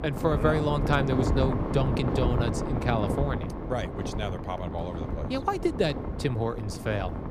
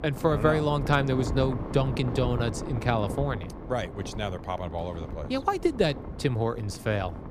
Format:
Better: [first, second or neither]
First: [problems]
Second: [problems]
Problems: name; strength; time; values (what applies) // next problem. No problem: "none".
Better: second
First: wind noise on the microphone; heavy; 5 dB below the speech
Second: wind noise on the microphone; occasional gusts; 10 dB below the speech